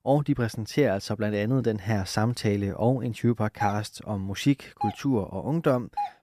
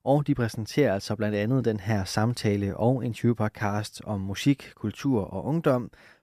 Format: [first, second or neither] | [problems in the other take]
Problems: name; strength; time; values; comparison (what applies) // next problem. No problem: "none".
second | doorbell; noticeable; from 3.5 s on; peak 6 dB below the speech